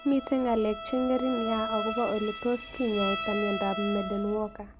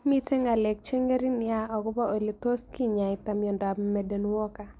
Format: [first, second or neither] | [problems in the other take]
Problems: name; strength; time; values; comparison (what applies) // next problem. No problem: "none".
second | background sound (Bowed string instrument); 7 dB below the speech